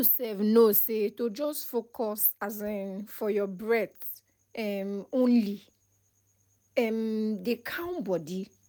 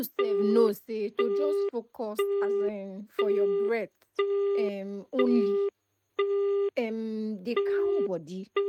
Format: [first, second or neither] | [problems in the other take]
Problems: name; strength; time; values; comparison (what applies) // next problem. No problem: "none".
first | noise reduction (neural mask model RNNoise)